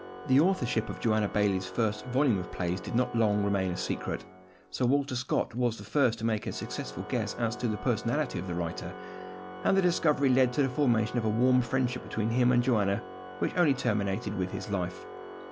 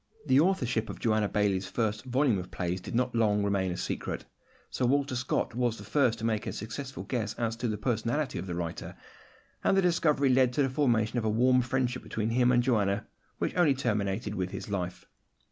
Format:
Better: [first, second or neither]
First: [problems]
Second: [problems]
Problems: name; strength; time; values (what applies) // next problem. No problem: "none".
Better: second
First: background sound (Organ); 14 dB below the speech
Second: none